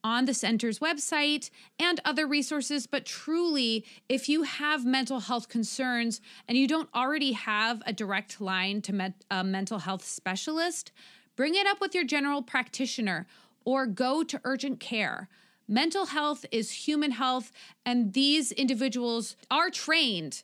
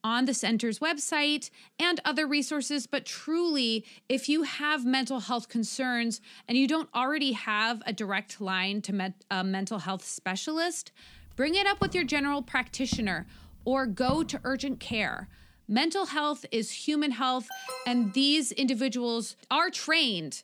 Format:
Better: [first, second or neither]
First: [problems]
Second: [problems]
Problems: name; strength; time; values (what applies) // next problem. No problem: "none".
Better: first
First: none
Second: footsteps; noticeable; from 12 to 15 s; peak 8 dB below the speech // alarm; noticeable; at 17 s; peak 10 dB below the speech